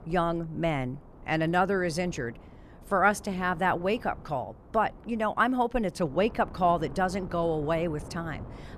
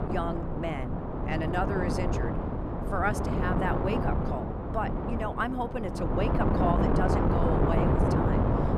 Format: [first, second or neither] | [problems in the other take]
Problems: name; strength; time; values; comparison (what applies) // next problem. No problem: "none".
first | wind noise on the microphone; heavy; as loud as the speech; occasional gusts in the first